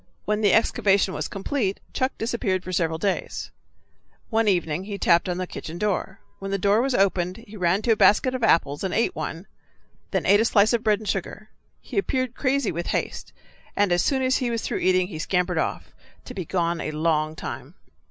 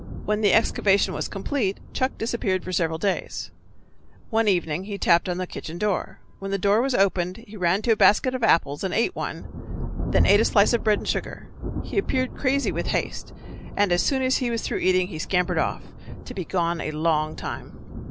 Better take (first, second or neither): first